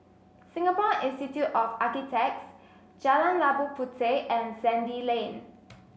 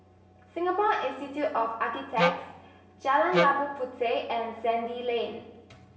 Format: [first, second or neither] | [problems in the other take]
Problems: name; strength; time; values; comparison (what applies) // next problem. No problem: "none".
first | background sound (Wind instrument, woodwind instrument); 1 dB above the speech // room echo; dies away in 0.8 s